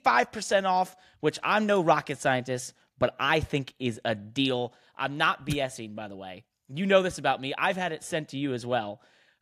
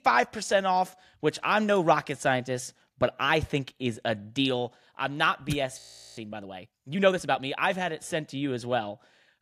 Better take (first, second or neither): first